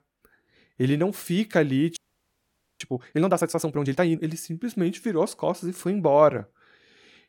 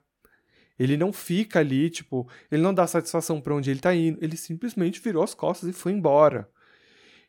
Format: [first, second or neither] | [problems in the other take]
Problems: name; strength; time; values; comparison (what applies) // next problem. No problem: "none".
second | audio freezing; at 2 s for 1 s